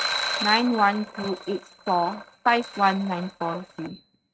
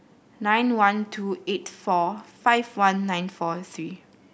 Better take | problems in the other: second | noise reduction (neural mask model RNNoise)

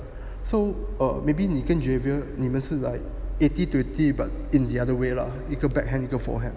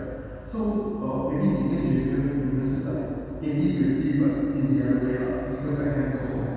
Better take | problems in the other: first | room echo; dies away in 2.1 s

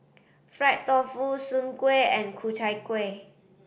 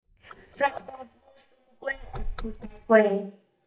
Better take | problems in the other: first | noise reduction (neural mask model DeepFilterNet 3)

